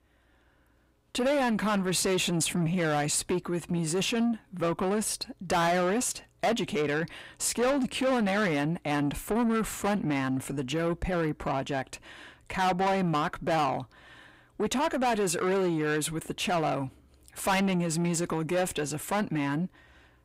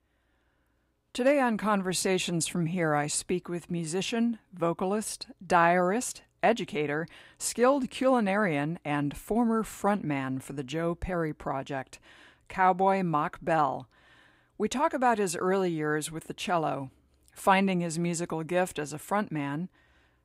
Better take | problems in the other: second | distortion; heavy; 7 dB below the speech

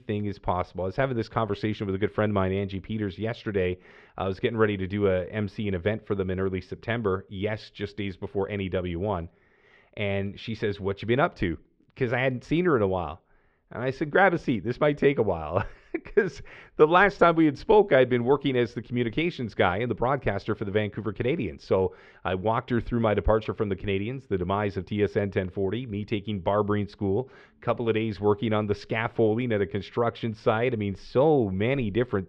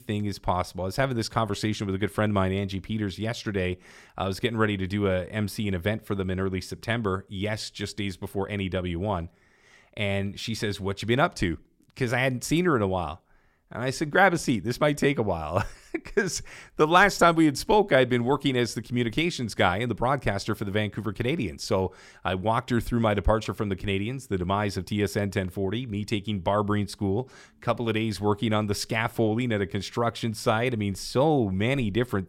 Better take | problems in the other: second | muffled; slightly; fading above 3.5 kHz

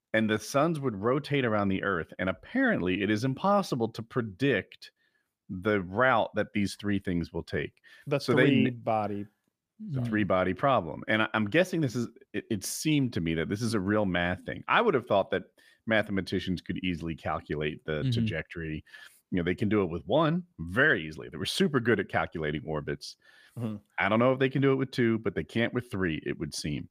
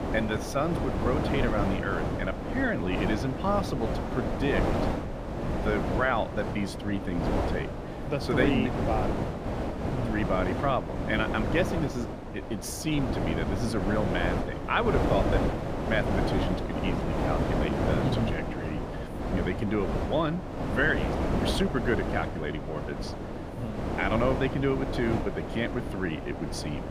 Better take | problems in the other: first | wind noise on the microphone; heavy; 2 dB below the speech

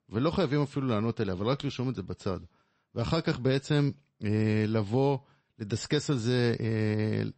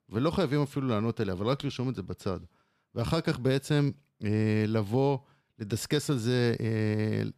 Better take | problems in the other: second | garbled, watery; slightly; nothing above 8 kHz

